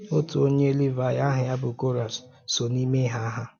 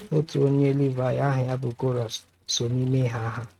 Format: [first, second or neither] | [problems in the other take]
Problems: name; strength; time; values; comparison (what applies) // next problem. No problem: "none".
first | noise reduction (neural mask model RNNoise)